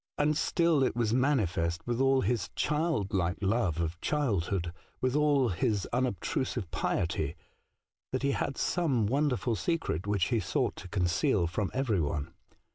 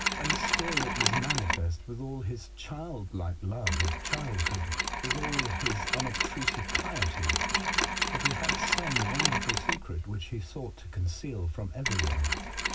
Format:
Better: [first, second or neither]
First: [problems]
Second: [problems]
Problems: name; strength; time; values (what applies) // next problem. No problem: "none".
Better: first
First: none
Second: background sound (Mechanisms); 2 dB above the speech // room echo; dies away in 0.4 s